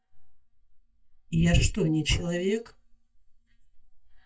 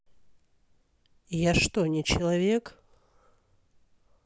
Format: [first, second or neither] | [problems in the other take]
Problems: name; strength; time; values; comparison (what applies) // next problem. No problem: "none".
second | noise reduction (neural mask model DeepFilterNet 3)